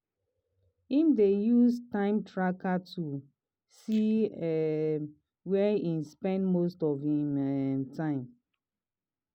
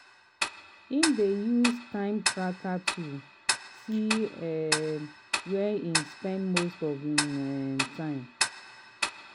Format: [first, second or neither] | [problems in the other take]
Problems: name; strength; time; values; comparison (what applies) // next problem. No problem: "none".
first | background sound (Tick-tock); 3 dB below the speech